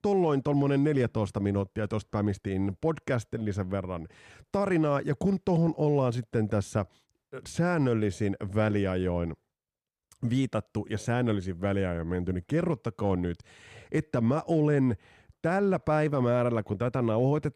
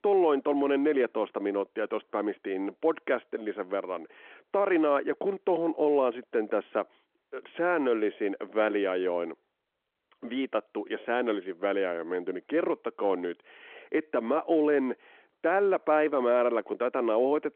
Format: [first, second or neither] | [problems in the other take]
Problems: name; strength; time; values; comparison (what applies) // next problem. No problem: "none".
first | phone-call audio